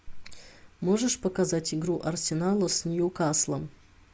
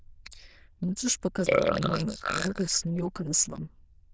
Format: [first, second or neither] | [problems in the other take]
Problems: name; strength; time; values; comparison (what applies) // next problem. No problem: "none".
first | noise reduction (neural diffusion model UNIVERSE++)